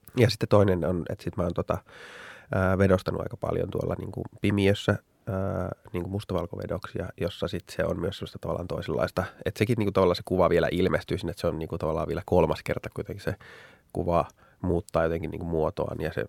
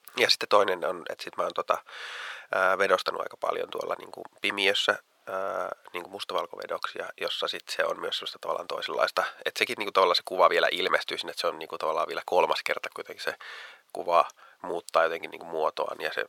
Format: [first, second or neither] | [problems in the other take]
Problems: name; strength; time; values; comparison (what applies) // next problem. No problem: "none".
first | thin; very; fading below 700 Hz